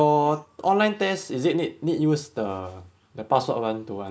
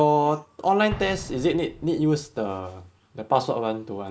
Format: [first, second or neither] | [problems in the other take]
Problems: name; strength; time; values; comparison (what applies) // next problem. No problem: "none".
first | background sound (Explosion); 18 dB below the speech